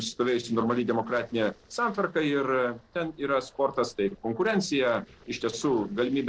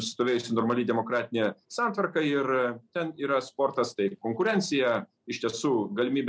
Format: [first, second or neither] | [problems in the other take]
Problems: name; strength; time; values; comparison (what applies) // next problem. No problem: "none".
second | noise reduction (neural separator model SepFormer DNS4)